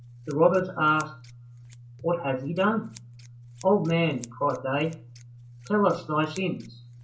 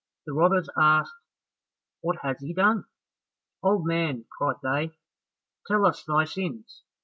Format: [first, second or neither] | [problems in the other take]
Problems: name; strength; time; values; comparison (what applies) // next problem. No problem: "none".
second | background sound (Scissors); 19 dB below the speech // room echo; dies away in 0.3 s